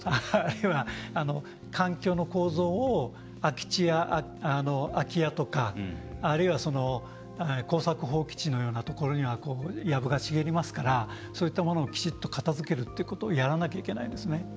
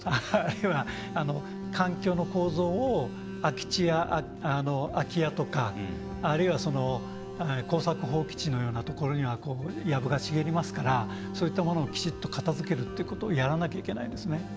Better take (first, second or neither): first